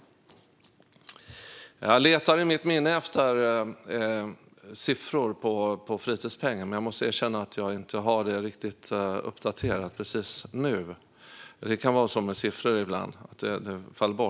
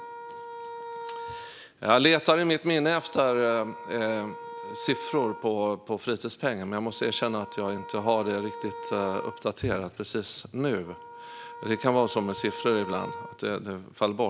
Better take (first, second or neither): first